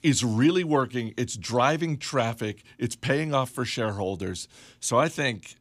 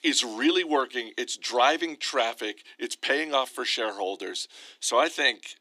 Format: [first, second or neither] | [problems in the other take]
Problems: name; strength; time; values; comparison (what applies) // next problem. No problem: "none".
first | thin; somewhat; fading below 300 Hz